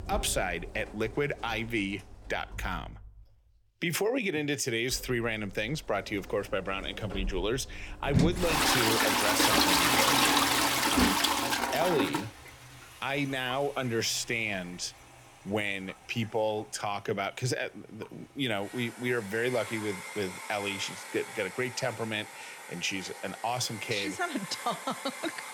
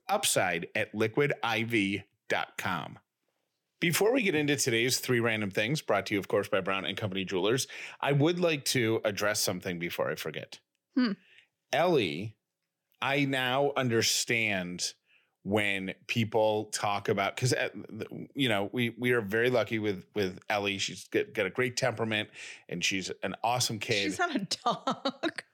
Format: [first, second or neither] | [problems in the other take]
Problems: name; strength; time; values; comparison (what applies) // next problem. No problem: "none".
second | household noises; very loud; throughout; 4 dB above the speech